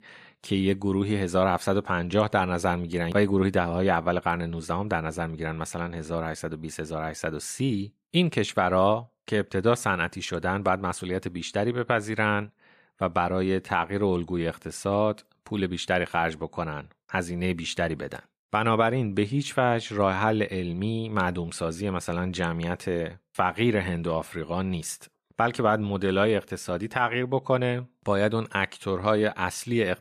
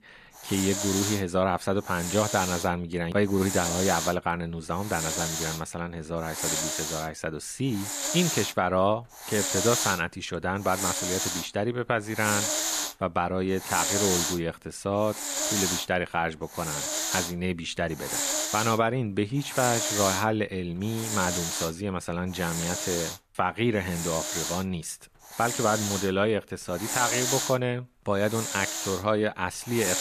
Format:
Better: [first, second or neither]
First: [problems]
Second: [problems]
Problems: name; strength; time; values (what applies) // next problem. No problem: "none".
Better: first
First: none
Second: hiss; loud; throughout; 1 dB below the speech